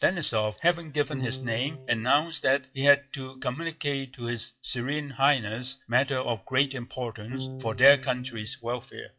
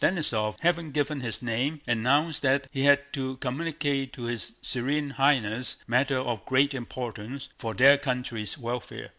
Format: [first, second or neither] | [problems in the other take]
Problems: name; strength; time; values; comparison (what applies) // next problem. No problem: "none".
second | noise reduction (classical method WPE with log-MMSE)